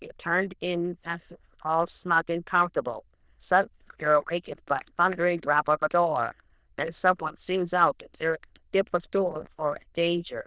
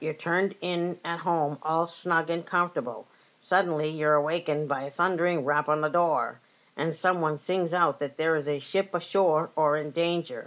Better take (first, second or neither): second